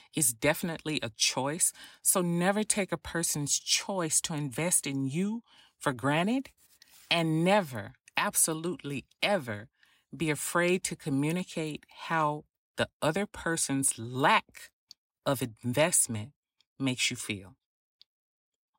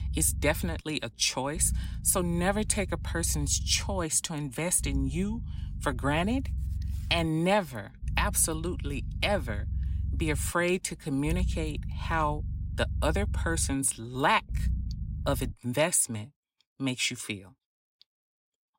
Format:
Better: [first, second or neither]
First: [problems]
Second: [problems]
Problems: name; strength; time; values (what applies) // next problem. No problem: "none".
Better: first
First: none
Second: low rumble; faint; until 16 s; 20 dB below the speech